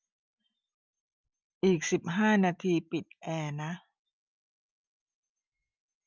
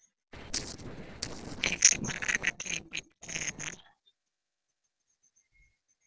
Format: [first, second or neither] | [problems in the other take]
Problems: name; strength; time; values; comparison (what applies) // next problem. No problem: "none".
first | noise reduction (neural separator model SepFormer DNS4)